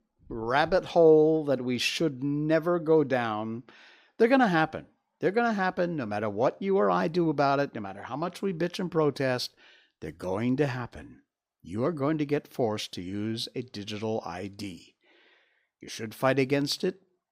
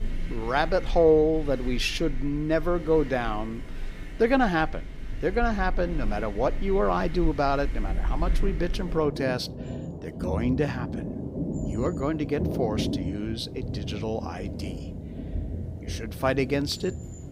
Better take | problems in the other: first | rain or running water; loud; throughout; 7 dB below the speech

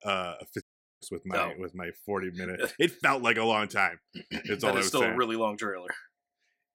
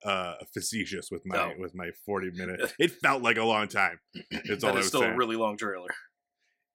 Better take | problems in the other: second | audio cutting out; at 0.5 s

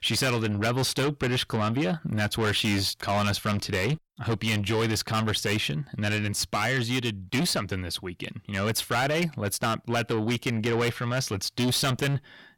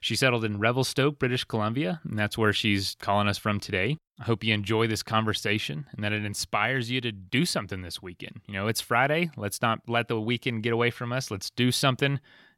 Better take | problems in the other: second | distortion; heavy; 6 dB below the speech

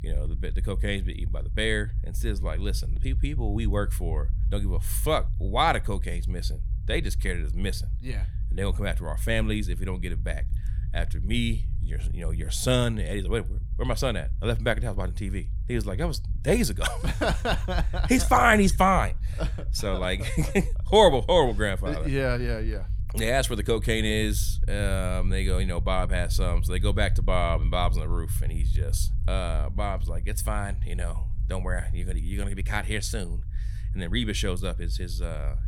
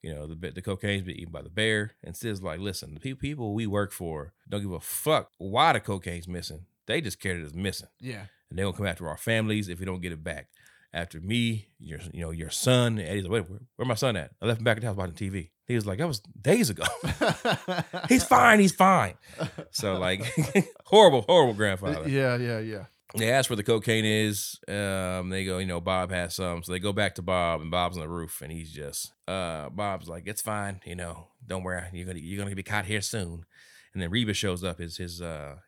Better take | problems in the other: second | low rumble; faint; throughout; 25 dB below the speech

